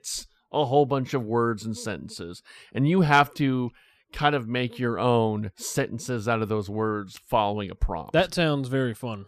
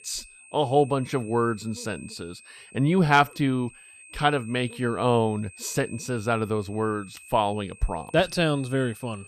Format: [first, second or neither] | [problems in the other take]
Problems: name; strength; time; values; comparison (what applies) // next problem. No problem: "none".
first | high-pitched whine; faint; throughout; 2.5 kHz, 20 dB below the speech